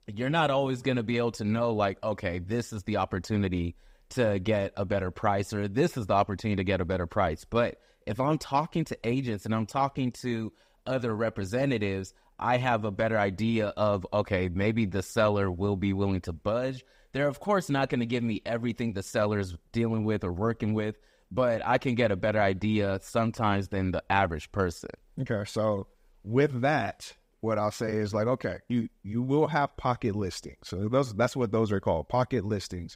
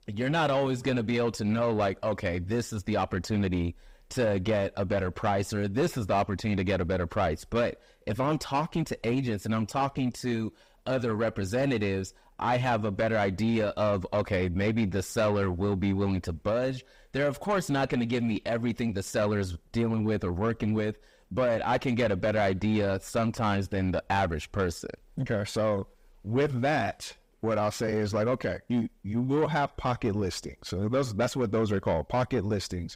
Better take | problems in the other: first | distortion; slight; 10 dB below the speech

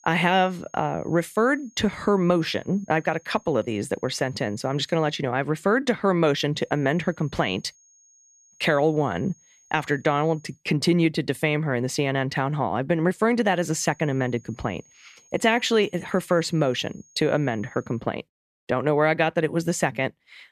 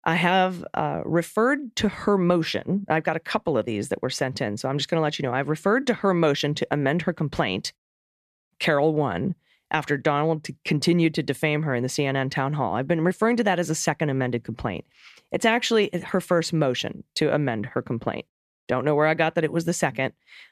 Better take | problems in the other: second | high-pitched whine; faint; until 5 s, from 6.5 to 11 s and from 14 to 18 s; 6.5 kHz, 30 dB below the speech

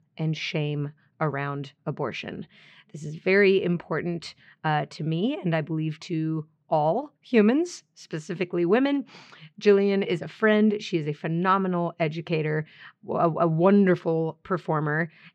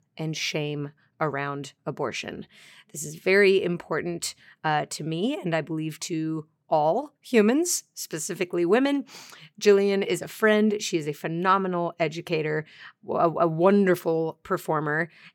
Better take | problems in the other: second | muffled; slightly; fading above 4 kHz

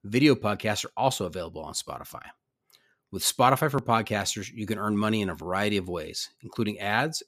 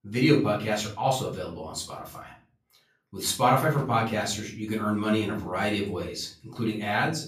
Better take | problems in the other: first | off-mic speech; far // room echo; slight; dies away in 0.4 s

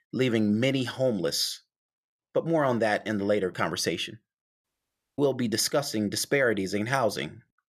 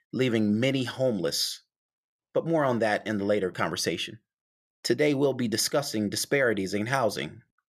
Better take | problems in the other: second | audio cutting out; at 4.5 s for 0.5 s

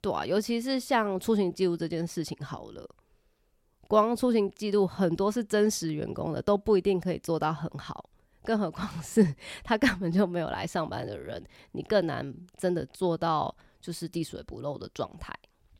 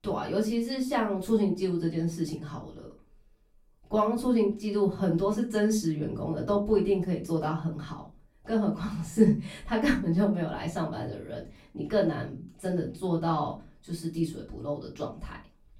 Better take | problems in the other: first | room echo; slight; dies away in 0.3 s // off-mic speech; far

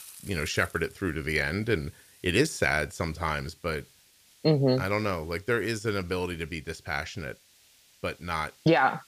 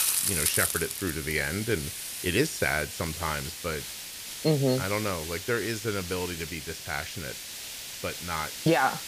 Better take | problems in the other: first | hiss; loud; throughout; 3 dB below the speech; faint in the first

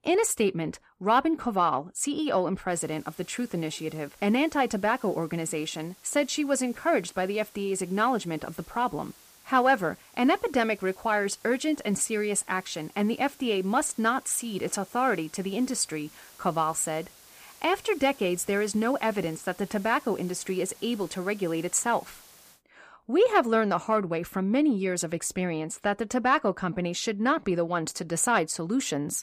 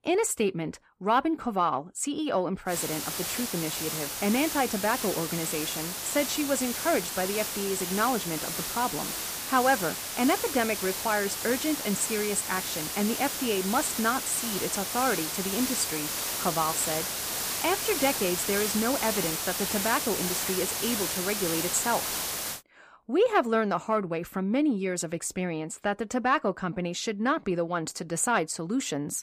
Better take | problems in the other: first | hiss; loud; from 2.5 to 23 s; 2 dB below the speech; faint in the first

